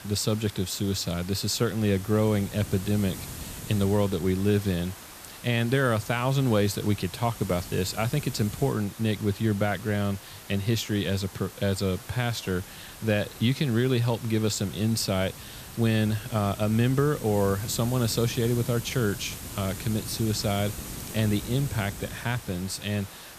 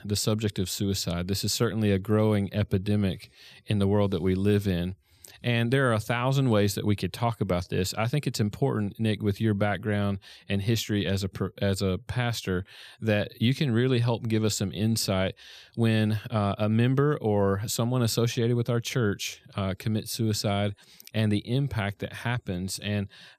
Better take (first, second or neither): second